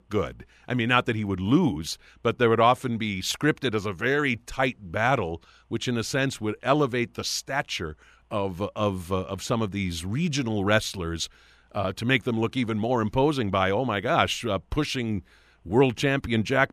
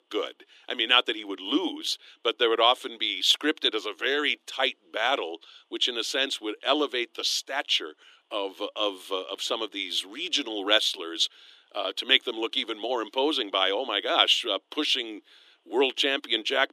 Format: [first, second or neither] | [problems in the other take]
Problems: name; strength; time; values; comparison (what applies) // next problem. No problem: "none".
first | thin; somewhat; fading below 300 Hz